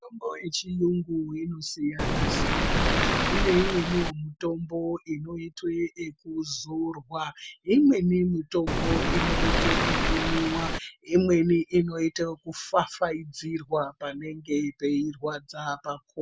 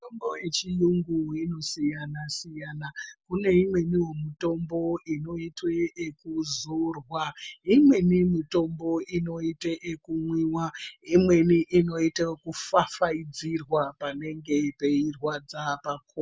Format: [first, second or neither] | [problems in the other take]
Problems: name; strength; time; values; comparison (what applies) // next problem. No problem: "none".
second | background sound (Waves, surf); 3 dB above the speech